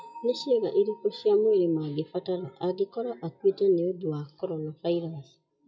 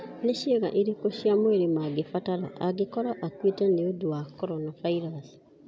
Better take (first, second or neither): second